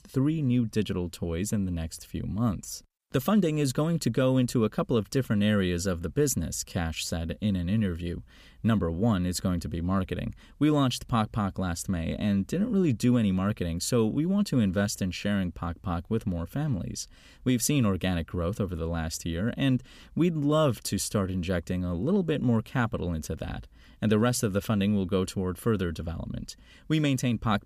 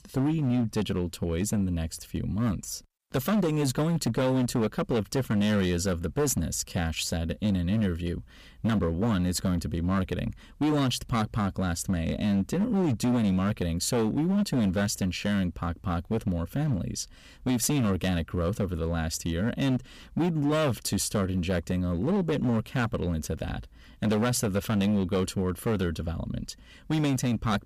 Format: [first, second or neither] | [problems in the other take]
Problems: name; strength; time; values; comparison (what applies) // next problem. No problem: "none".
first | distortion; slight; 12% of the sound clipped